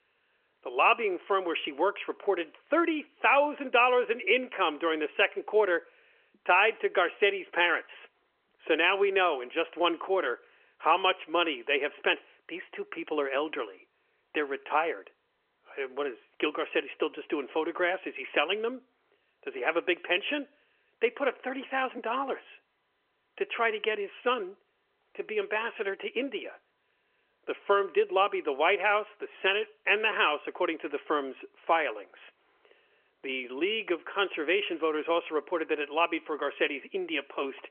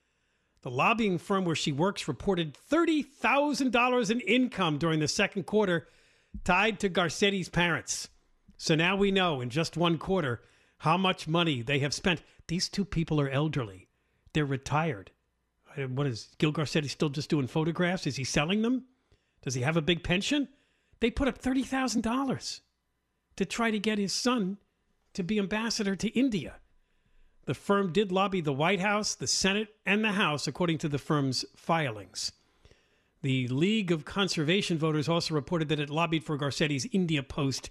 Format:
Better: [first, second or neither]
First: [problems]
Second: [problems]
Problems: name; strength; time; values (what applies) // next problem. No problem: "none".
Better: second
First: phone-call audio; nothing above 3 kHz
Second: none